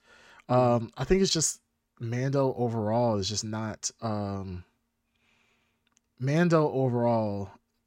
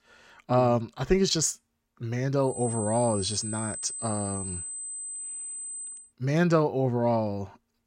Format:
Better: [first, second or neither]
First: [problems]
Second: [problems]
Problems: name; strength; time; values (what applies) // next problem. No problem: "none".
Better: first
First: none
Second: high-pitched whine; loud; from 2.5 to 6 s; 8 kHz, 7 dB below the speech